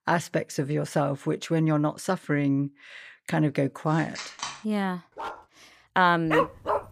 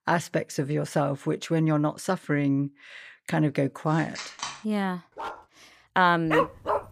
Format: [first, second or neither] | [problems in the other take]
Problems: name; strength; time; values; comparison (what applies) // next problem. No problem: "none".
neither | phone ringing; noticeable; at 4 s; peak 8 dB below the speech; the same in both // dog barking; faint; at 5 s; peak 10 dB below the speech; the same in both // dog barking; loud; at 6.5 s; peak 1 dB above the speech; the same in both